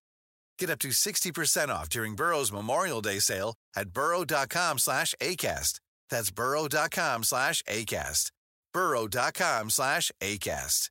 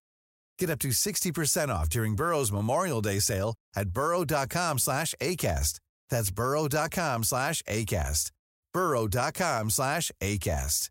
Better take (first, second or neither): second